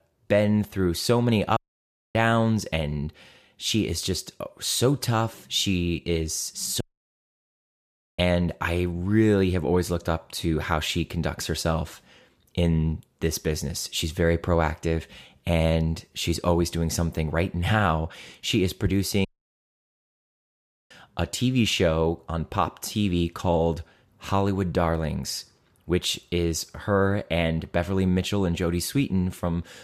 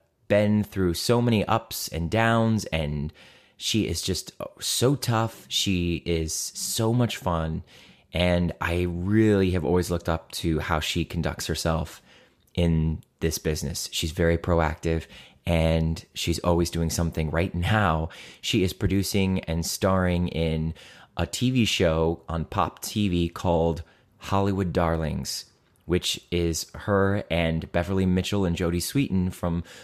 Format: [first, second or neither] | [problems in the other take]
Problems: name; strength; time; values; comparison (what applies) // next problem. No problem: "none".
second | audio cutting out; at 1.5 s for 0.5 s, at 7 s for 1.5 s and at 19 s for 1.5 s